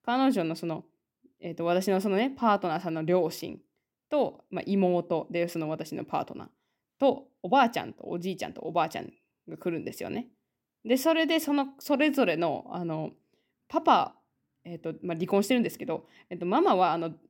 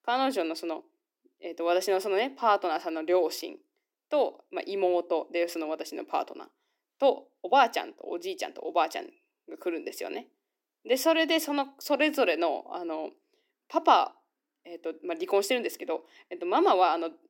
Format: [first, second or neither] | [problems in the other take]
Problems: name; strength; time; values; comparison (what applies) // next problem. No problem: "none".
first | thin; somewhat; fading below 300 Hz